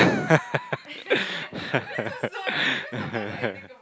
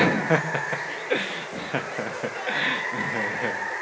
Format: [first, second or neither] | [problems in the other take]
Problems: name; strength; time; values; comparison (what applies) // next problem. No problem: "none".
first | background sound (Water); 3 dB below the speech // room echo; dies away in 1 s